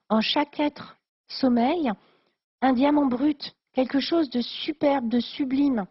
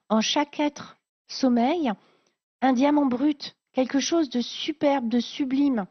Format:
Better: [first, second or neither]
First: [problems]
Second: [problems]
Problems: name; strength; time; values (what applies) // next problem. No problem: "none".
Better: second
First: garbled, watery; badly; nothing above 5.5 kHz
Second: garbled, watery; slightly; nothing above 6 kHz